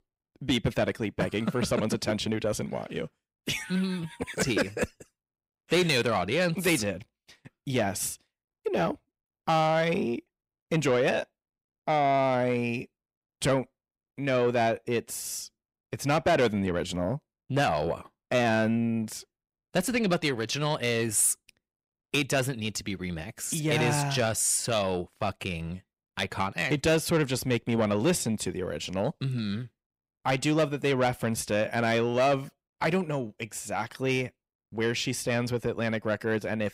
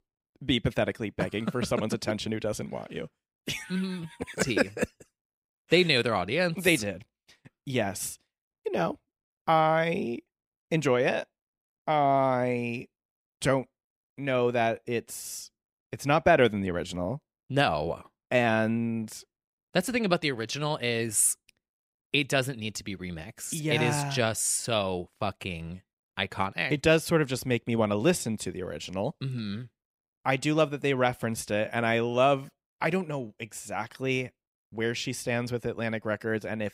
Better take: second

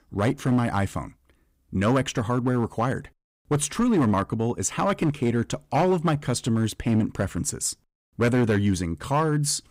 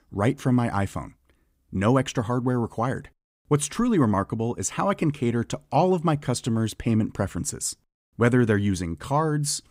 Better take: second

